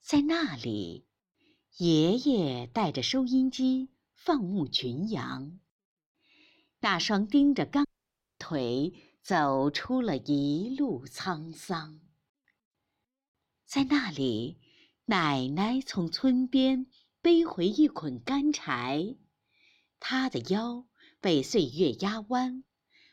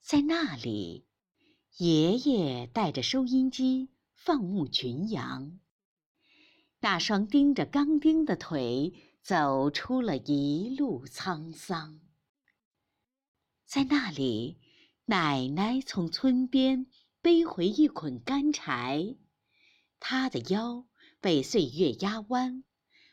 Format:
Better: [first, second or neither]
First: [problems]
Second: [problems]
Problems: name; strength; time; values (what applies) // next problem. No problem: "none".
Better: second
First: audio cutting out; at 8 s for 0.5 s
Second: none